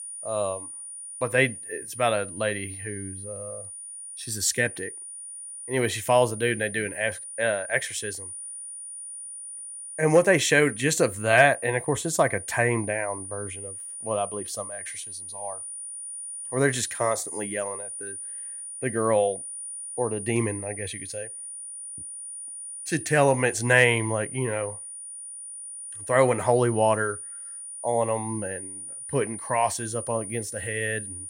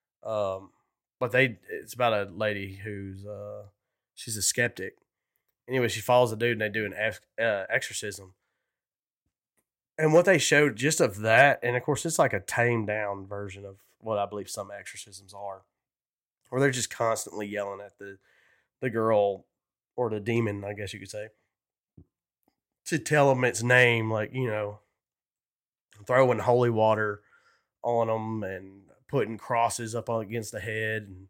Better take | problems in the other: second | high-pitched whine; loud; throughout; 9.5 kHz, 10 dB below the speech

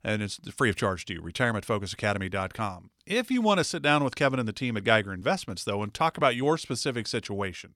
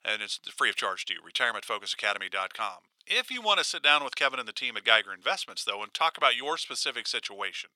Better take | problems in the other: first | thin; very; fading below 700 Hz

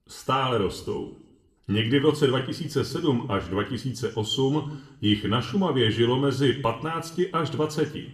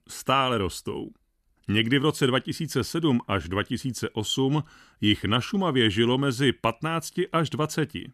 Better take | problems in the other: second | room echo; very slight; dies away in 0.6 s // off-mic speech; somewhat distant

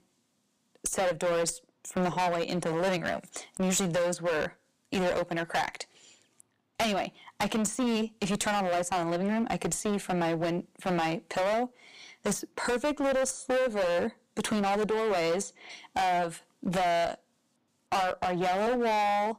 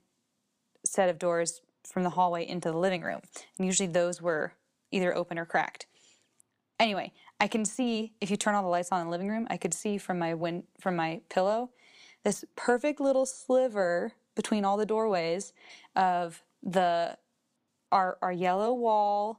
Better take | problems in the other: second | distortion; heavy; 20% of the sound clipped

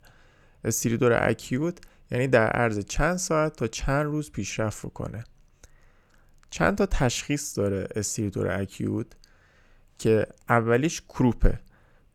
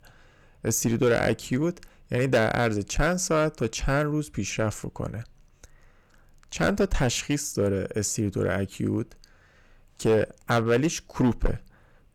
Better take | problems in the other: first | distortion; slight; 3% of the sound clipped

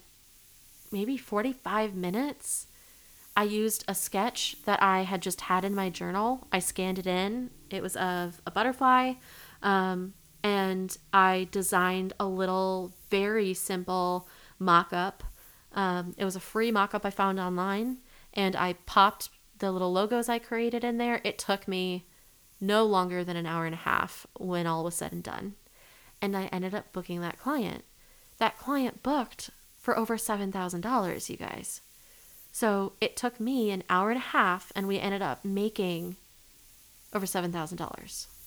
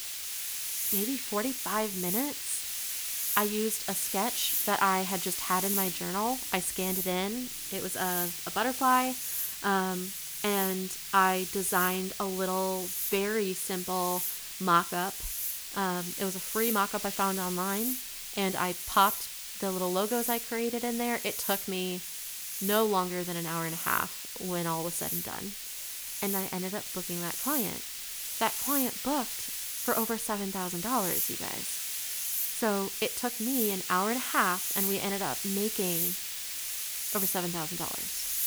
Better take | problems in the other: first | hiss; loud; throughout; 1 dB below the speech; faint in the first

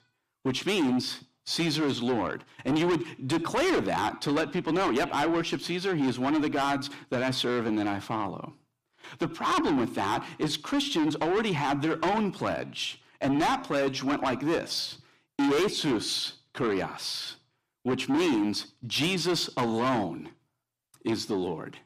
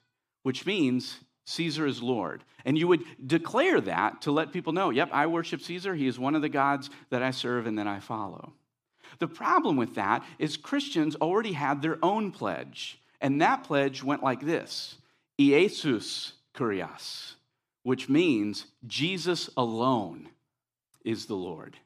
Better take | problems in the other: second | distortion; heavy; 6 dB below the speech

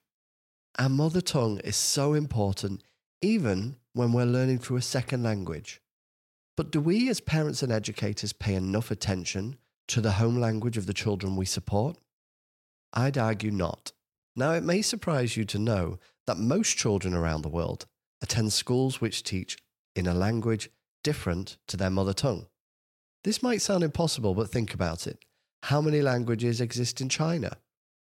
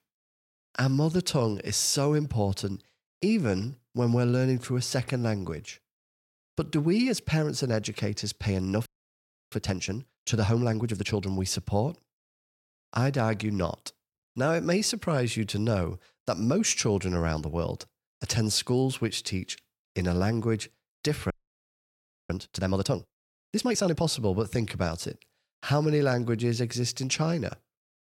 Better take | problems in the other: first | audio freezing; at 9 s for 0.5 s and at 21 s for 1 s

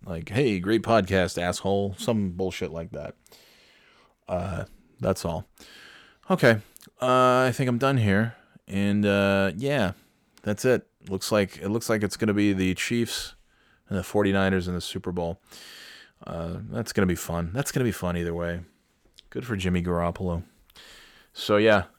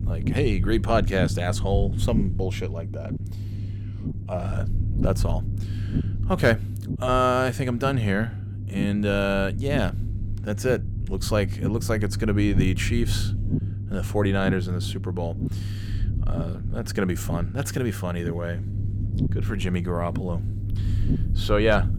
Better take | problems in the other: first | low rumble; noticeable; throughout; 15 dB below the speech

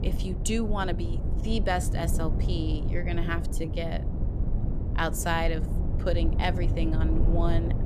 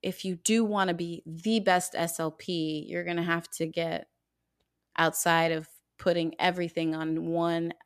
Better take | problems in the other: second | low rumble; loud; throughout; 9 dB below the speech

